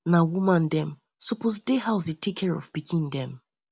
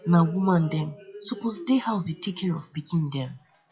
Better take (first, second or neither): first